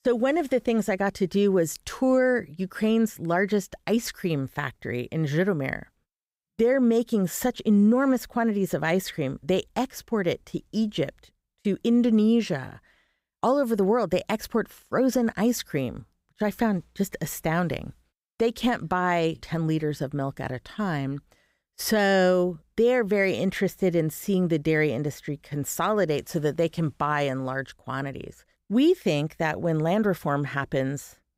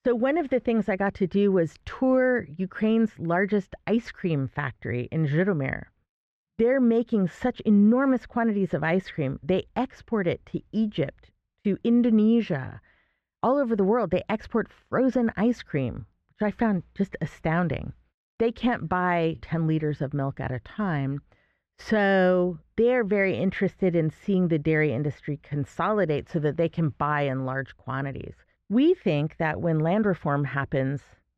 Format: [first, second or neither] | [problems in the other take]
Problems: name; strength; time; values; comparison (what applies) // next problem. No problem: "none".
first | muffled; very; fading above 2.5 kHz